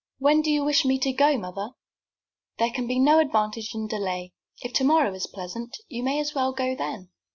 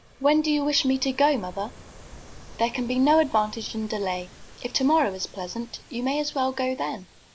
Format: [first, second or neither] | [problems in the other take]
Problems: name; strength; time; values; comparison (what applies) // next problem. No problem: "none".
first | background sound (Ocean); 20 dB below the speech